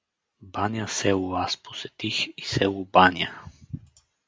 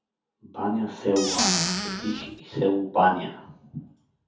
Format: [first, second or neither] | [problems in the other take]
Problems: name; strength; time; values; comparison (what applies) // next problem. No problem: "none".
first | background sound (Squeak / Cupboard open or close); as loud as the speech // room echo; dies away in 0.5 s